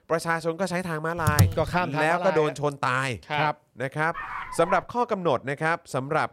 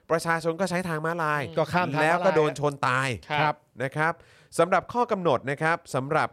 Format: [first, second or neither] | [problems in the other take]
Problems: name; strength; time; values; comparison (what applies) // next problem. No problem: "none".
second | keyboard typing; loud; at 1.5 s; peak 3 dB above the speech // dog barking; noticeable; at 4 s; peak 8 dB below the speech